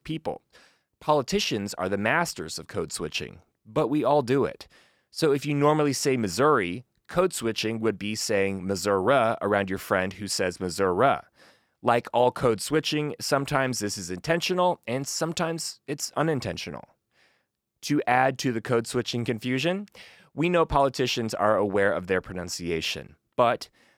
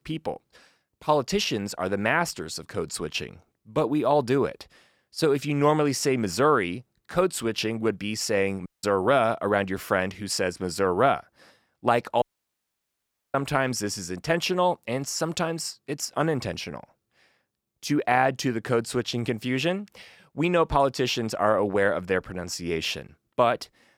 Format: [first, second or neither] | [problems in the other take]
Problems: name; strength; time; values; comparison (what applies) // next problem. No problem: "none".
first | audio cutting out; at 8.5 s and at 12 s for 1 s